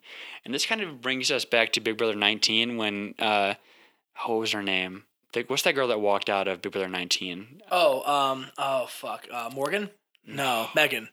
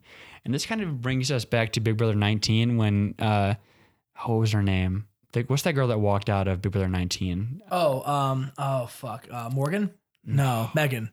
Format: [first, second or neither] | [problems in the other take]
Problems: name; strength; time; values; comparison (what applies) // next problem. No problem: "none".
second | thin; somewhat; fading below 300 Hz